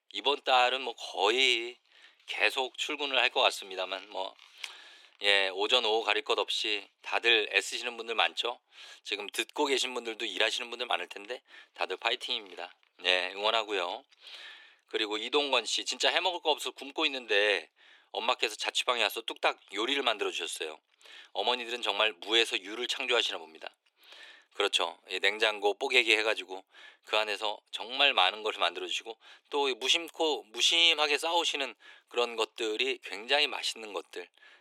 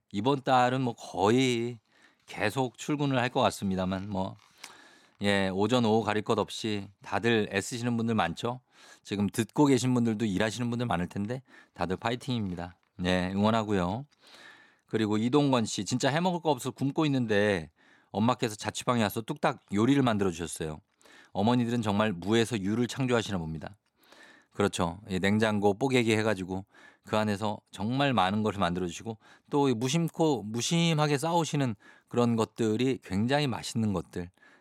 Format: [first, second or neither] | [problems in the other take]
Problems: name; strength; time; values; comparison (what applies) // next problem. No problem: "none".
second | thin; very; fading below 350 Hz